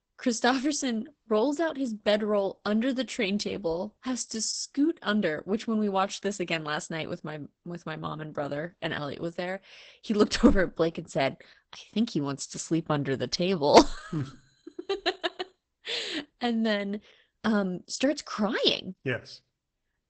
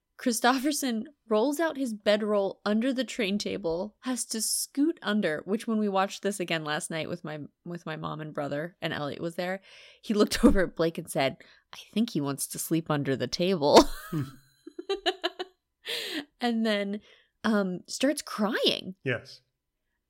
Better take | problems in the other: second | garbled, watery; badly; nothing above 8 kHz

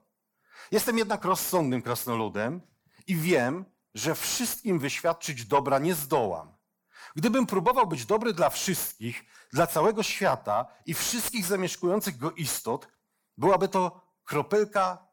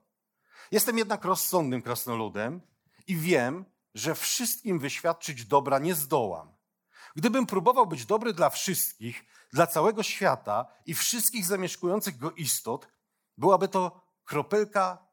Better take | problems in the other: second | distortion; slight; 10 dB below the speech

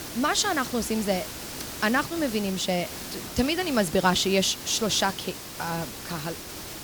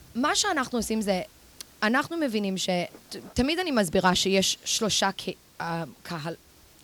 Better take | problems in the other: second | hiss; loud; throughout; 10 dB below the speech; faint in the second

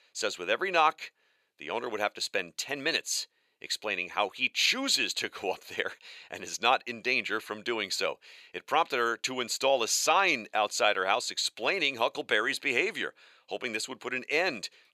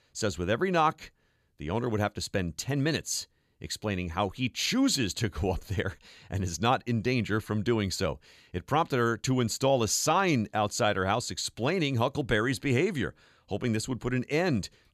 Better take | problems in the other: second | thin; very; fading below 550 Hz

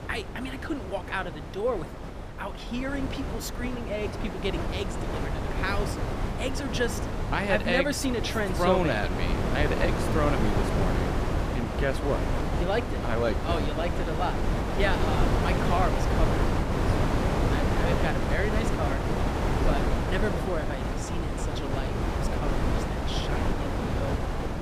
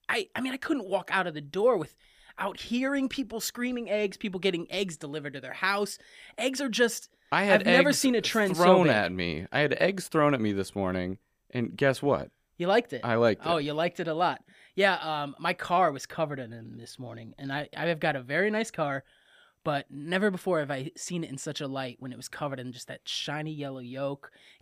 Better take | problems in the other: second | wind noise on the microphone; heavy; 1 dB below the speech

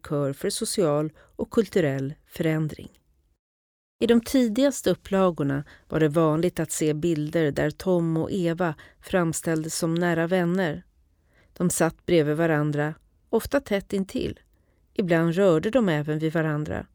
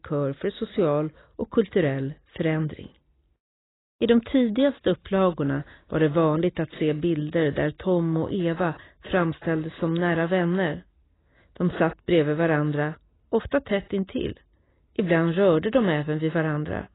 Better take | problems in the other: first | garbled, watery; badly; nothing above 4 kHz

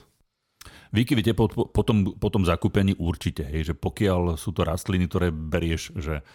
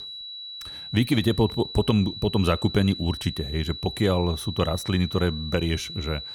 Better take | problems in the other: first | high-pitched whine; loud; throughout; 4 kHz, 10 dB below the speech

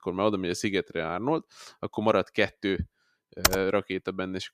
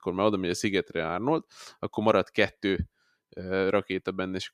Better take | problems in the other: second | keyboard typing; loud; at 3.5 s; peak 3 dB above the speech

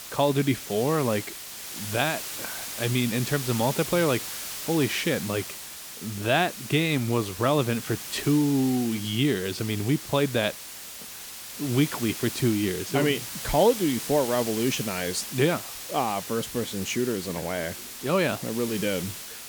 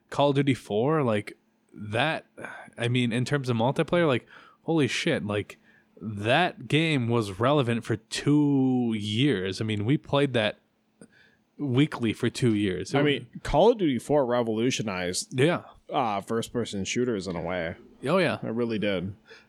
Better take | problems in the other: second | hiss; loud; throughout; 8 dB below the speech

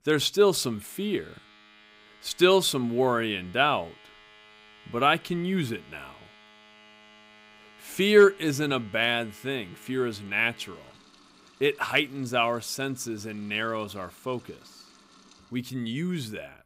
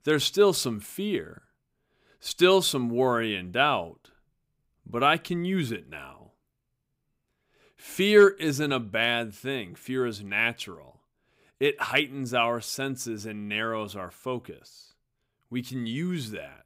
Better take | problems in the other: second | household noises; faint; throughout; 25 dB below the speech

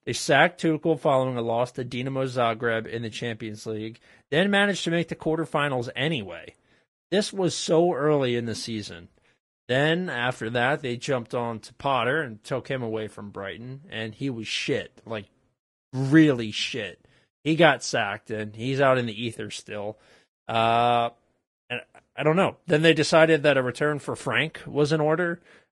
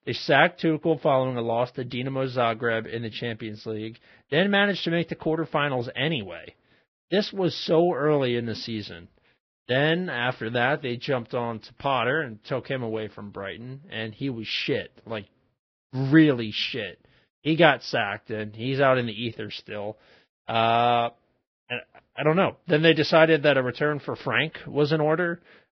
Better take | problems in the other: first | garbled, watery; badly; nothing above 5.5 kHz; slightly in the first

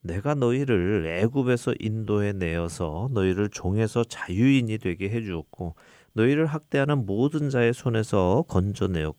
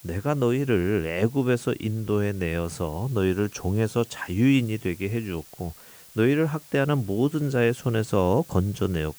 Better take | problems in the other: first | hiss; faint; throughout; 20 dB below the speech

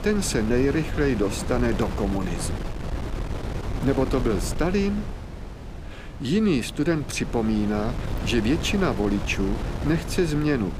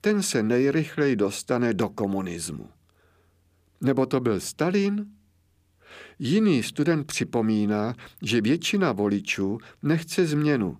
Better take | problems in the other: second | wind noise on the microphone; heavy; 10 dB below the speech

